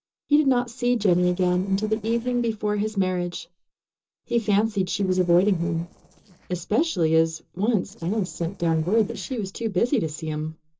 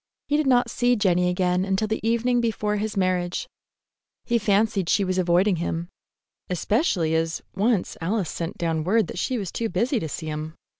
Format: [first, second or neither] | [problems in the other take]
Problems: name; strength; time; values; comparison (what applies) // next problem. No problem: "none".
second | noise reduction (neural separator model SepFormer DNS4)